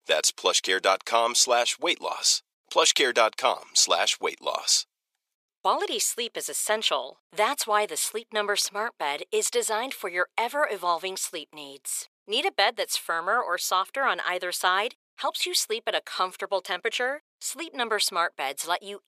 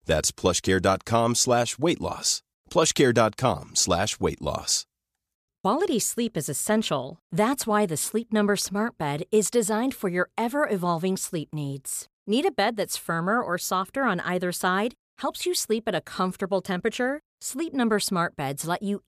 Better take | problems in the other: second | thin; very; fading below 450 Hz

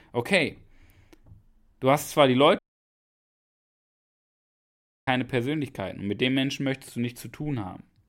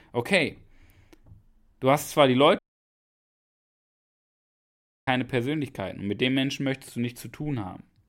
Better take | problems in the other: neither | audio cutting out; at 2.5 s for 2.5 s; the same in both

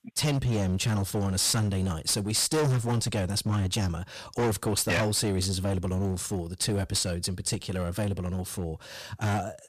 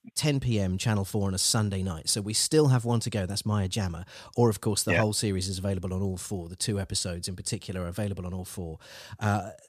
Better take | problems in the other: second | distortion; heavy; 14% of the sound clipped

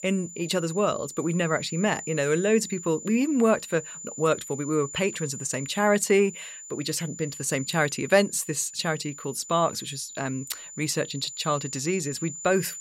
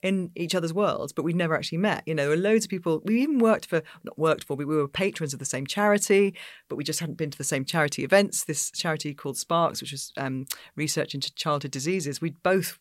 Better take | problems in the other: second | high-pitched whine; noticeable; throughout; 7 kHz, 10 dB below the speech

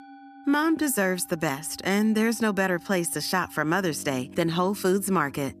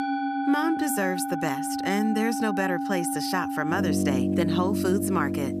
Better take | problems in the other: first | background music; loud; throughout; as loud as the speech; faint in the first

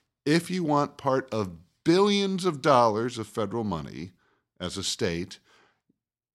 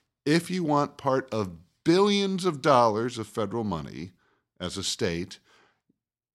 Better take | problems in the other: neither | none

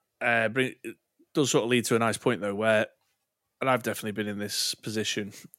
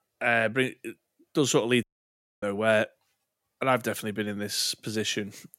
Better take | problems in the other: first | audio cutting out; at 2 s for 0.5 s

